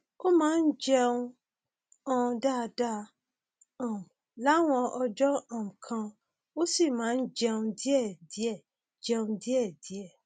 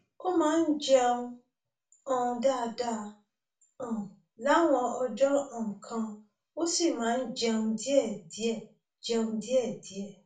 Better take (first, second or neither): first